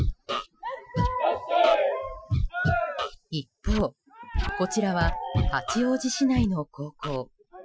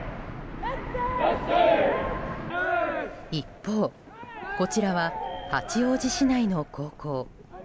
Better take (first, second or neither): second